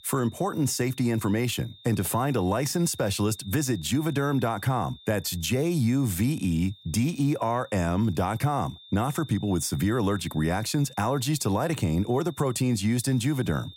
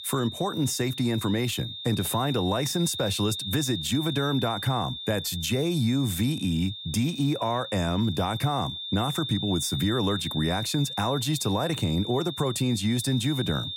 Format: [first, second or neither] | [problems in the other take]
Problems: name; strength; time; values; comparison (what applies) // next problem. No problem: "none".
first | high-pitched whine; loud; throughout; 3.5 kHz, 7 dB below the speech; faint in the first